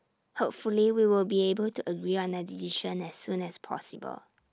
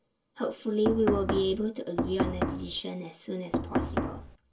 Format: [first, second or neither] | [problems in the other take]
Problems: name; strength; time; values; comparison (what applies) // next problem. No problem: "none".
first | background sound (Knock); 1 dB above the speech // room echo; dies away in 0.2 s